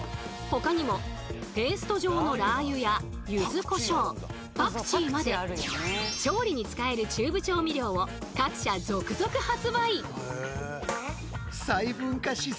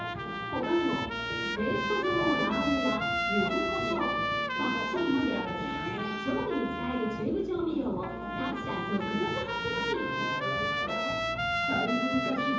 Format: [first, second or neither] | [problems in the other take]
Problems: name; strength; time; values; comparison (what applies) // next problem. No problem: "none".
first | background sound (Trumpet); 1 dB below the speech // room echo; dies away in 0.9 s